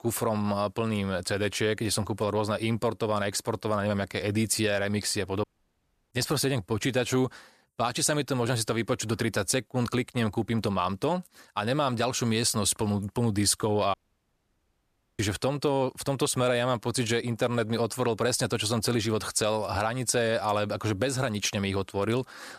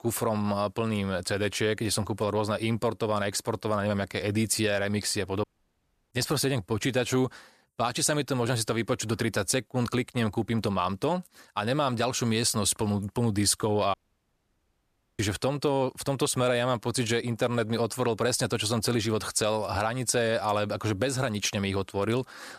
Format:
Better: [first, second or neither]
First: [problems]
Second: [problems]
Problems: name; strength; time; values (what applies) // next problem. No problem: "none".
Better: neither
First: audio cutting out; at 5.5 s for 0.5 s and at 14 s for 1.5 s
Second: audio cutting out; at 5.5 s for 0.5 s and at 14 s for 1.5 s